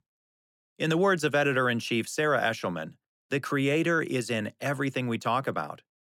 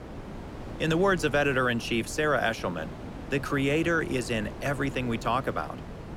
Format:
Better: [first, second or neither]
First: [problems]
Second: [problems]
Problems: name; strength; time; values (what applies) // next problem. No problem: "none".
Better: first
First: none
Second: wind noise on the microphone; occasional gusts; 15 dB below the speech